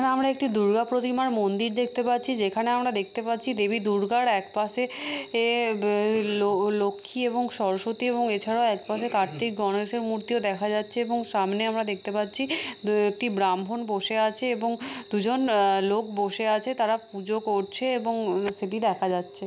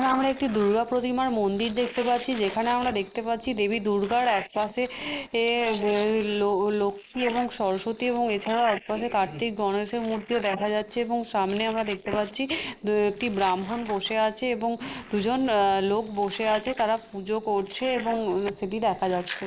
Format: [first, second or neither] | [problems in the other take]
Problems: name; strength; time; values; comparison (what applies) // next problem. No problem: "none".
first | noise reduction (neural mask model Resemble Enhance denoiser)